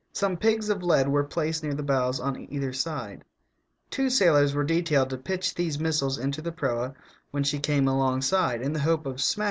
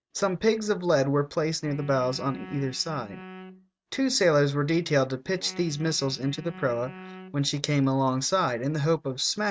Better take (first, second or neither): first